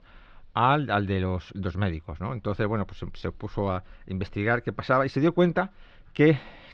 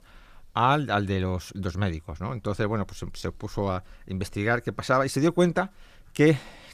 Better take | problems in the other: second | muffled; slightly; fading above 4 kHz

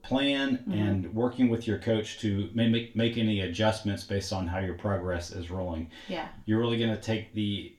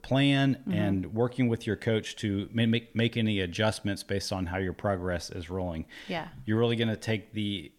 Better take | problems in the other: second | room echo; very slight; dies away in 0.3 s // off-mic speech; far

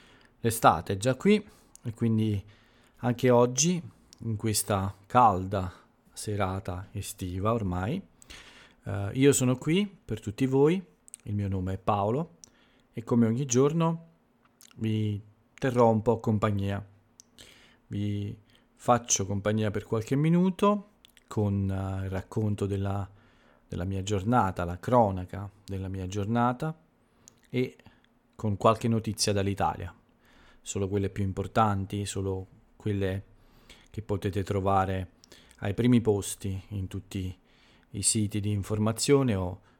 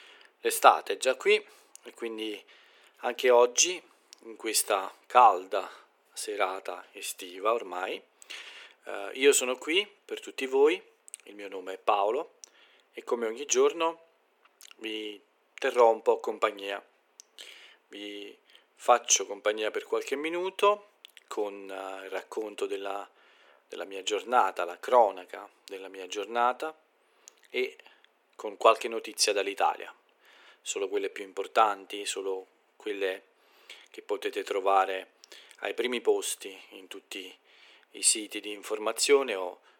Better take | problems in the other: first | thin; very; fading below 350 Hz

